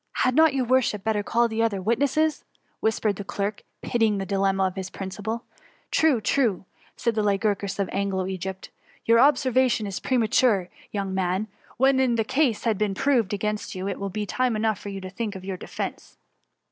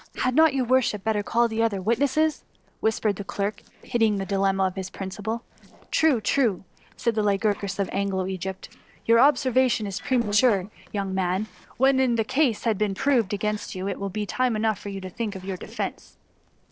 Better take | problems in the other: first | noise reduction (neural separator model SepFormer DNS4)

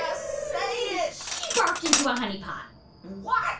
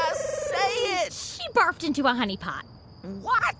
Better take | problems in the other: second | background sound (Cutlery, silverware); 4 dB below the speech // room echo; dies away in 0.3 s

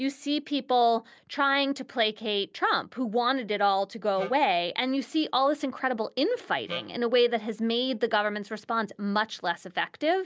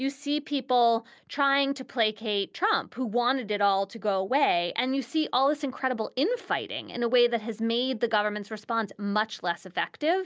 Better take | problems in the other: second | background sound (Wind instrument, woodwind instrument); 14 dB below the speech

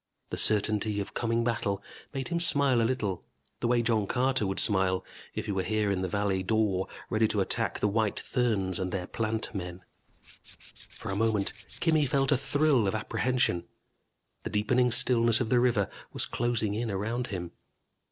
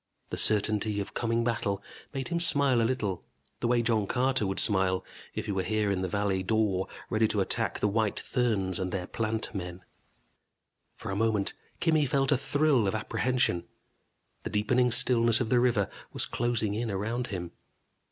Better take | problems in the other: second | noise reduction (neural separator model SepFormer DNS4)

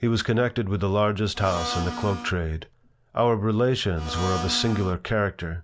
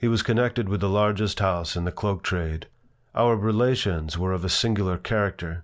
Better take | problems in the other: second | background sound (Domestic sounds, home sounds); 8 dB below the speech

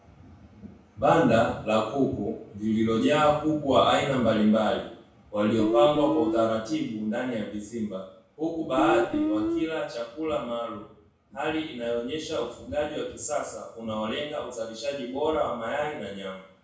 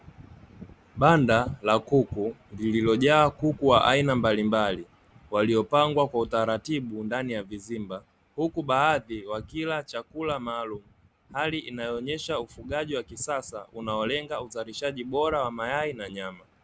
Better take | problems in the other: second | background sound (Guitar); as loud as the speech // room echo; dies away in 0.6 s

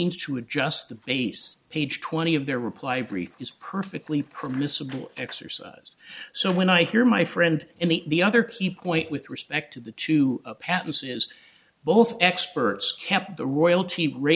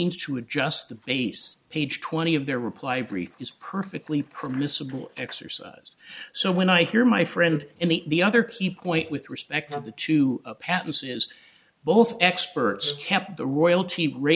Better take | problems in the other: first | noise reduction (neural mask model Resemble Enhance denoiser)

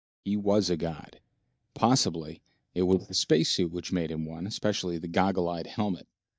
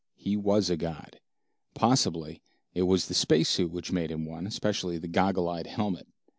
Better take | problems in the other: second | noise reduction (neural mask model DeepFilterNet 3)

